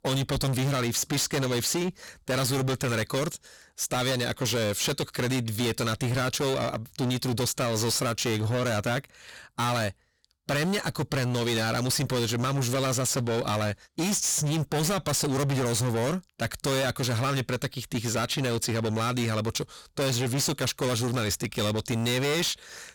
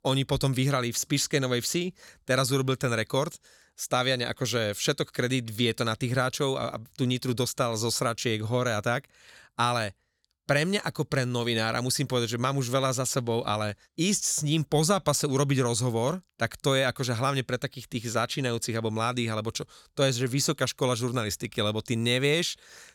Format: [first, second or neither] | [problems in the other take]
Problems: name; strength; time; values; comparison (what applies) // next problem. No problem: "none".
second | distortion; heavy; 31% of the sound clipped